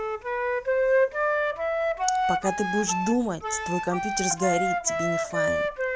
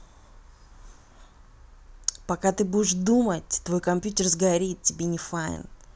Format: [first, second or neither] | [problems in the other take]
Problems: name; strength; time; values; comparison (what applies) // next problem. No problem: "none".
second | background sound (Wind instrument, woodwind instrument); 4 dB above the speech